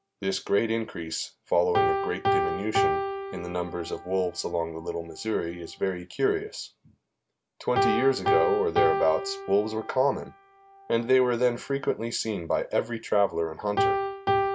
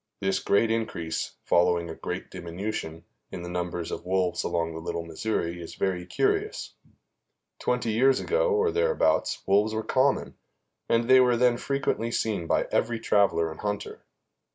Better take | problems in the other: second | background sound (Piano); 3 dB below the speech

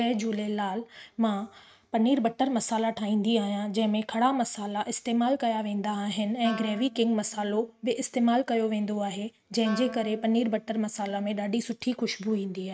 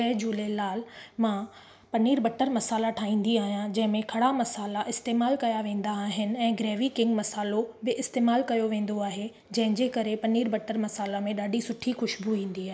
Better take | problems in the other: second | noise reduction (neural mask model RNNoise)

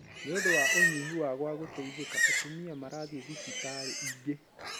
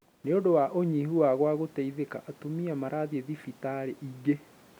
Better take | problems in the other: second | background sound (Livestock, farm animals, working animals); 4 dB above the speech

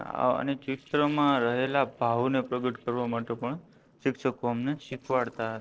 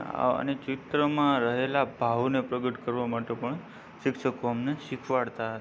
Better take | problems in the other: second | noise reduction (neural separator model SepFormer DNS4)

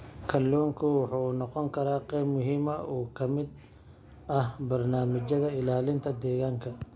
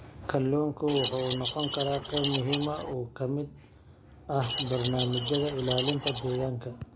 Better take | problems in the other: first | background sound (Keys jangling); 6 dB below the speech

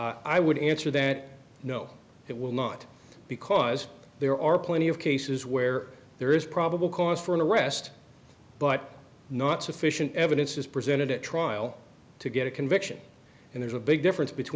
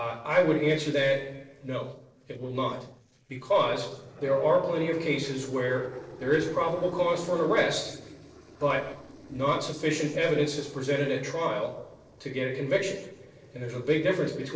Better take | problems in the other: first | noise reduction (neural separator model SepFormer DNS4)

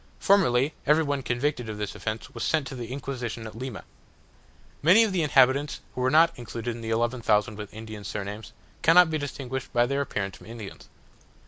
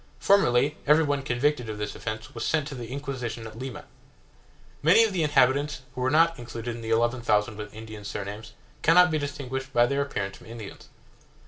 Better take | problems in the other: first | room echo; dies away in 0.3 s

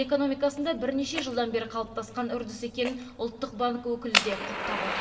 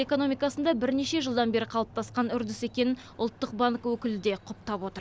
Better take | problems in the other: second | background sound (Fire); 5 dB below the speech // room echo; dies away in 1.5 s

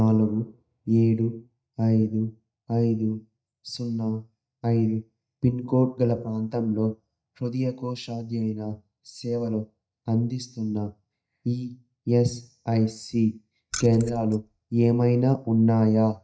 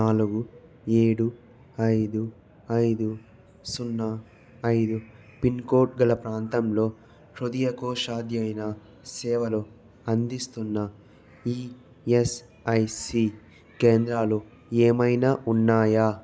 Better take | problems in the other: second | noise reduction (neural mask model DeepFilterNet 3)

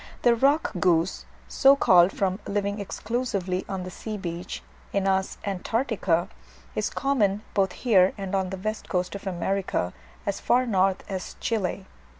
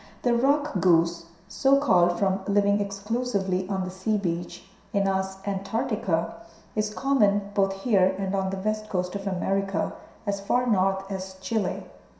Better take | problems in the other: first | room echo; dies away in 0.7 s

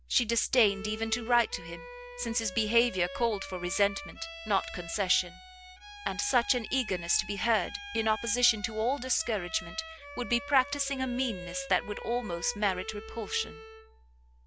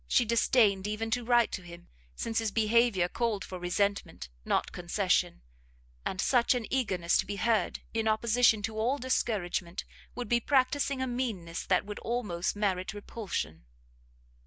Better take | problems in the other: second | background sound (Bowed string instrument); 13 dB below the speech

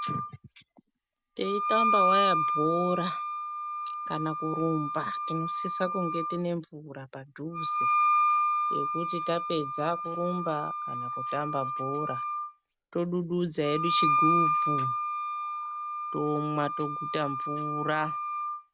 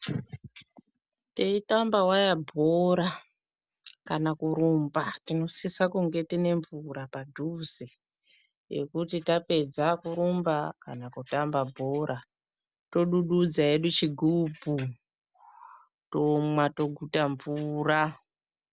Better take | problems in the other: second | background sound (Wind instrument, woodwind instrument); 3 dB above the speech

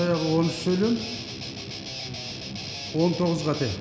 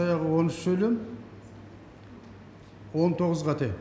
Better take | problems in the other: second | background sound (Guitar); 9 dB below the speech

